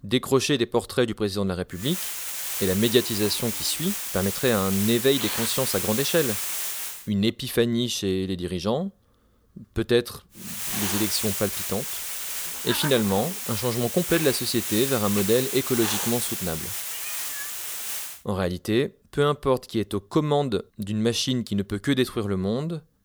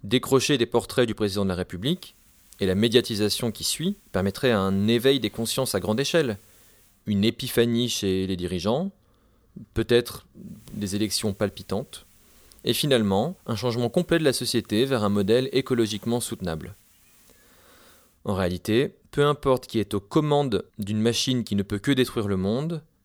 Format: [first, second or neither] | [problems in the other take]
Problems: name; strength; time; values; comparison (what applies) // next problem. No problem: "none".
second | hiss; loud; from 2 to 7 s and from 10 to 18 s; 2 dB below the speech; faint in the second